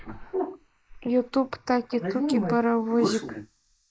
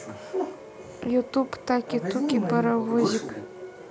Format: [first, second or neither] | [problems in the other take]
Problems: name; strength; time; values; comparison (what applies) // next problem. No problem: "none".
second | noise reduction (neural mask model Resemble Enhance denoiser)